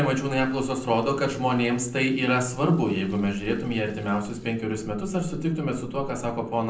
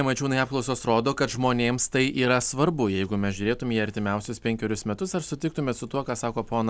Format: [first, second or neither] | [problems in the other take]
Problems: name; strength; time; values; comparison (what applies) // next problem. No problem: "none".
second | background sound (Sink (filling or washing) / Water tap, faucet); 18 dB below the speech // room echo; dies away in 0.6 s